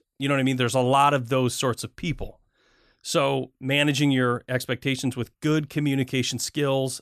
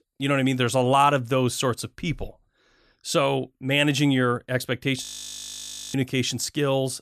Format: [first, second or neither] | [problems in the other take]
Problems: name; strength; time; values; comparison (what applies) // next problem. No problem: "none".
first | audio freezing; at 5 s for 1 s